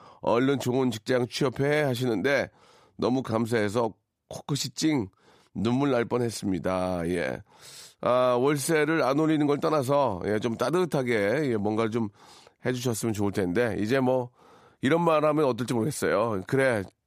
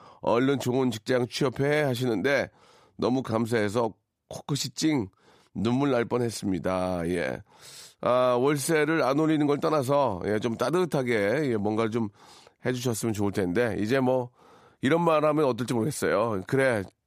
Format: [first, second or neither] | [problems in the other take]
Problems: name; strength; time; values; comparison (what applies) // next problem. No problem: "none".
neither | none